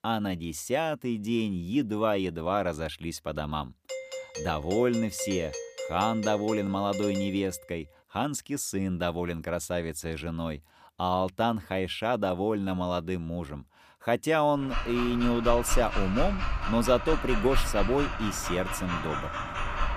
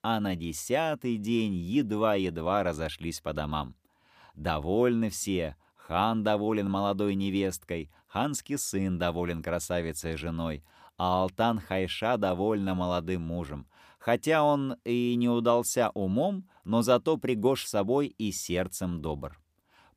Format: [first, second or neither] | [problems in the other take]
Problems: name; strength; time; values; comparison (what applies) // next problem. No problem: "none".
second | doorbell; noticeable; from 4 to 7.5 s; peak 5 dB below the speech // dog barking; noticeable; from 15 s on; peak 2 dB below the speech